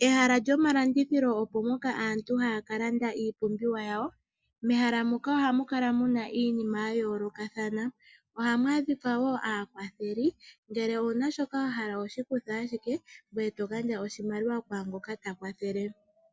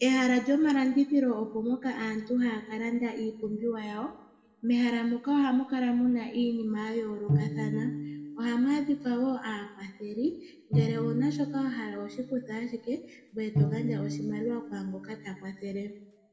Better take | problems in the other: first | background sound (Bowed string instrument); 4 dB below the speech // room echo; dies away in 0.9 s

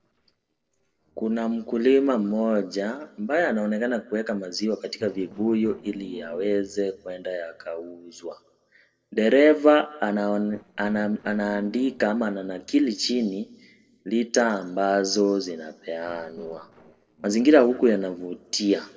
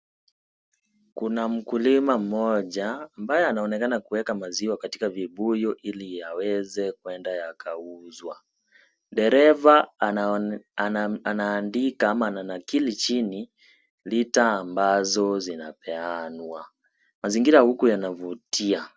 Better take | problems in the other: second | noise reduction (neural separator model SepFormer DNS4)

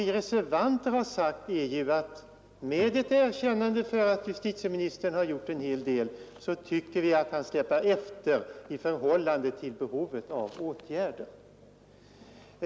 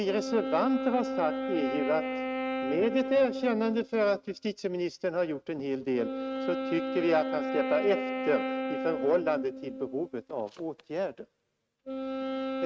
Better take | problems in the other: first | noise reduction (neural mask model RNNoise)

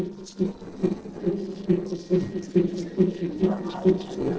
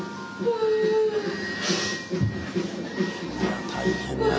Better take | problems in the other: second | noise reduction (neural separator model SepFormer DNS4)

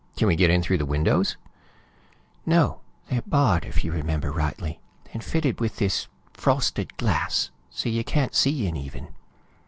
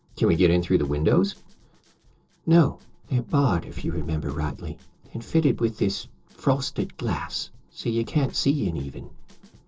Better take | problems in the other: first | noise reduction (neural separator model SepFormer DNS4)

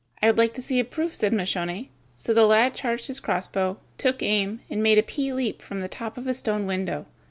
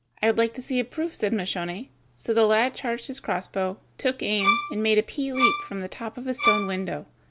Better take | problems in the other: first | background sound (Bowed string instrument); as loud as the speech

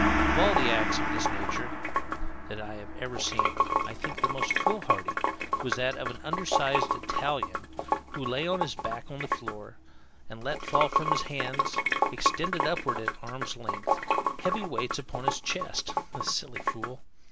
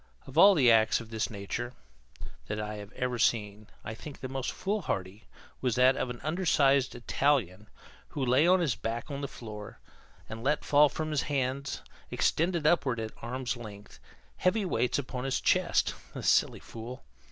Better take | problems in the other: second | background sound (Sink (filling or washing) / Water + Gong); 4 dB above the speech

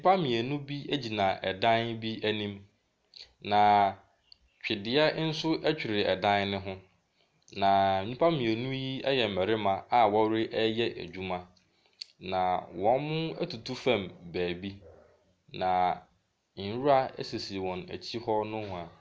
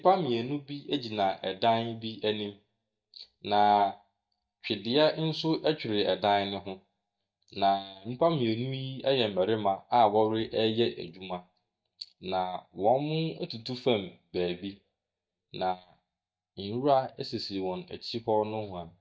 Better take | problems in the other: first | noise reduction (neural mask model DeepFilterNet 3)

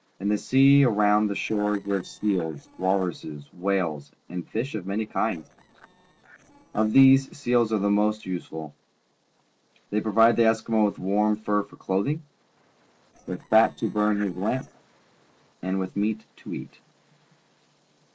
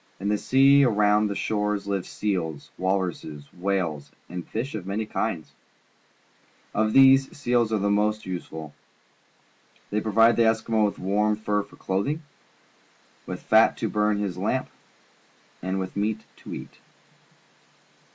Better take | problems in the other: second | noise reduction (neural separator model SepFormer DNS4)

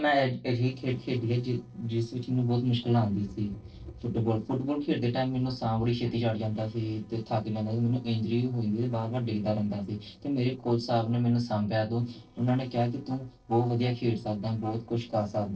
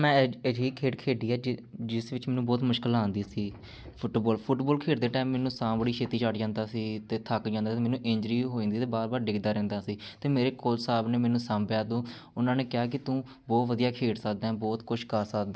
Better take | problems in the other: second | noise reduction (neural separator model SepFormer DNS4)

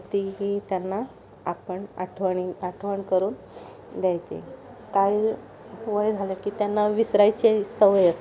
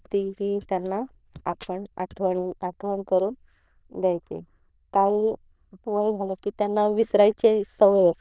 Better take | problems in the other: first | noise reduction (neural diffusion model UNIVERSE++)

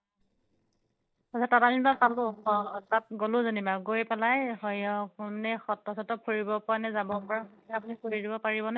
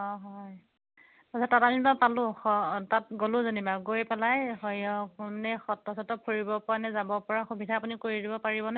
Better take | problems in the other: second | noise reduction (neural mask model DeepFilterNet 3)

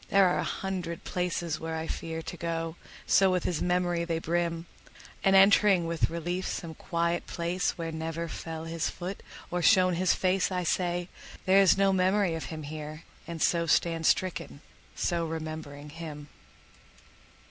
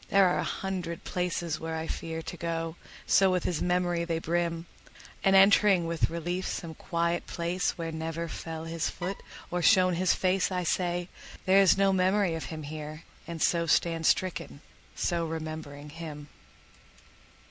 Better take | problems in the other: first | background sound (Bowed string instrument); 15 dB below the speech

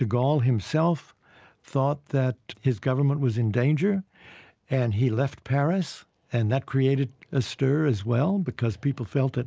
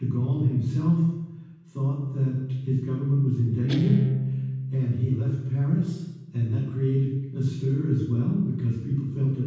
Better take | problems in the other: first | background sound (Guitar); 10 dB below the speech // room echo; dies away in 1.2 s

